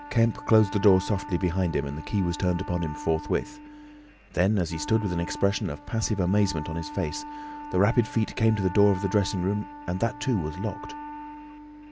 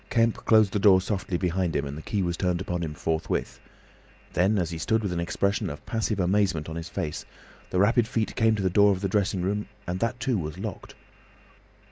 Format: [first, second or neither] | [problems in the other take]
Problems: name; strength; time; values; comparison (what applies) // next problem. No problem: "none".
second | background sound (Wind instrument, woodwind instrument); 13 dB below the speech